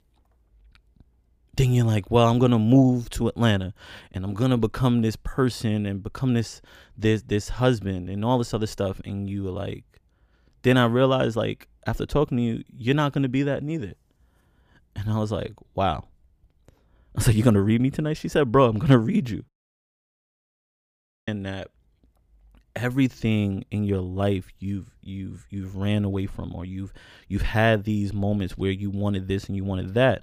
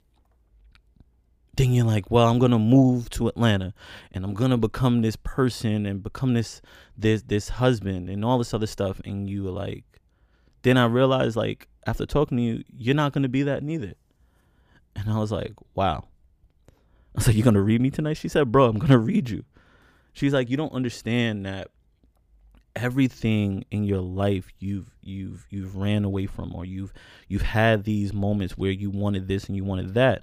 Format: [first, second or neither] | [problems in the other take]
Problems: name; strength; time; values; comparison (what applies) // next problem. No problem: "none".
second | audio cutting out; at 19 s for 2 s